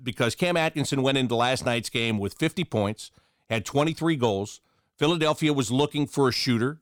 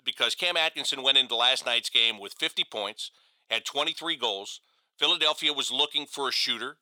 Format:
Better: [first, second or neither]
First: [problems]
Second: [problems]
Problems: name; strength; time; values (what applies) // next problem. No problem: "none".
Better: first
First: none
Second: thin; very; fading below 650 Hz